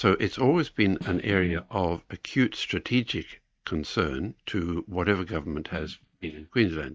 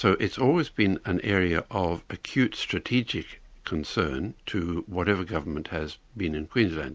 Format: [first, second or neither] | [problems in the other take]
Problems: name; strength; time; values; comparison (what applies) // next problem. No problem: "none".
second | noise reduction (neural mask model DeepFilterNet 3)